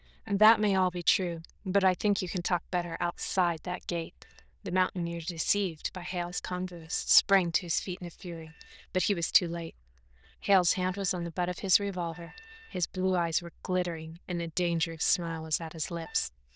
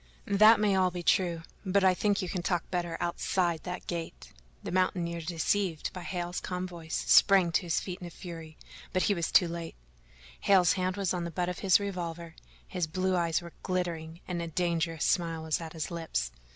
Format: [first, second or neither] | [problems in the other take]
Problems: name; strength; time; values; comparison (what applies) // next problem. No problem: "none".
second | noise reduction (neural diffusion model UNIVERSE++)